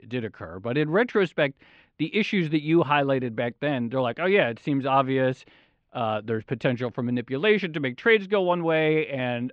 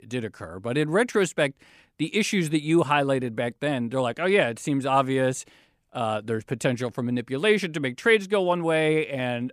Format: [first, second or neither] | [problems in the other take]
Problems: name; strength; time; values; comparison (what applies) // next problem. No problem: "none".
second | muffled; slightly; fading above 4 kHz